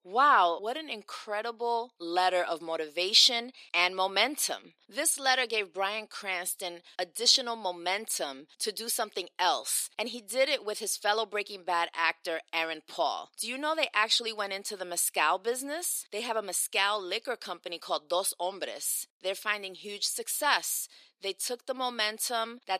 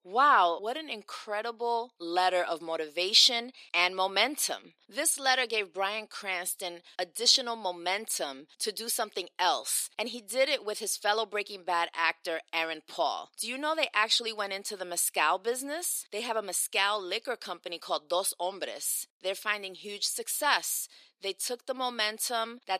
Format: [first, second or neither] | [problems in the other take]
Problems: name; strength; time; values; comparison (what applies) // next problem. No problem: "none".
neither | thin; somewhat; fading below 350 Hz; the same in both